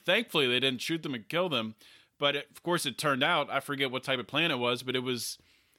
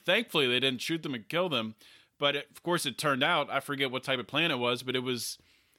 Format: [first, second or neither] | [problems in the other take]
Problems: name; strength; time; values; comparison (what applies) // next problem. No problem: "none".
neither | none